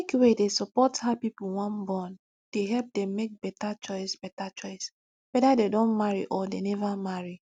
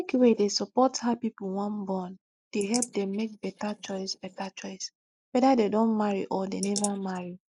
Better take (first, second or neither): first